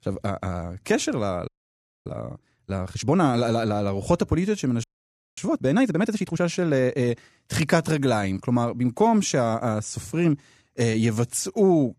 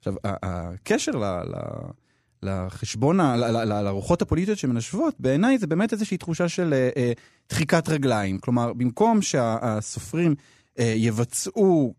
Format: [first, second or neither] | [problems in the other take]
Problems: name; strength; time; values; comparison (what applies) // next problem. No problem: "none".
second | audio freezing; at 1.5 s for 0.5 s and at 5 s for 0.5 s